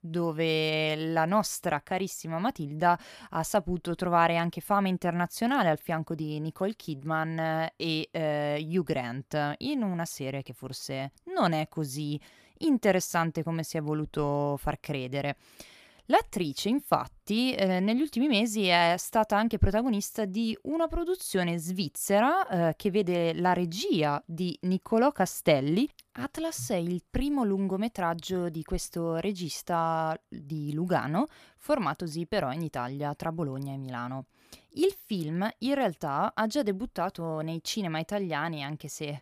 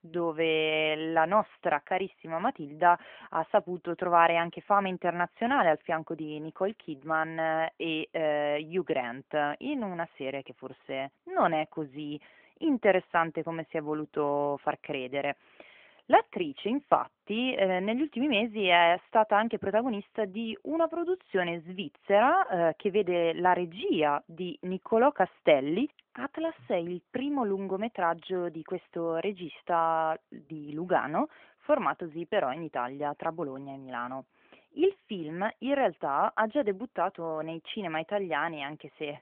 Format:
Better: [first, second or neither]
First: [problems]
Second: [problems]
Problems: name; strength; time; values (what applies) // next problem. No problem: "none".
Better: first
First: none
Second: phone-call audio; nothing above 3.5 kHz